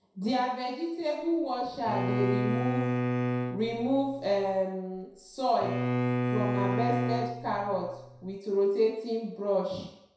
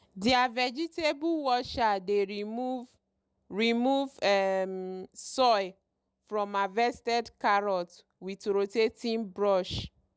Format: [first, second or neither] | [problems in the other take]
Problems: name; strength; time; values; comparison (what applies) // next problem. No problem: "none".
second | background sound (Bowed string instrument); 1 dB below the speech // room echo; dies away in 0.7 s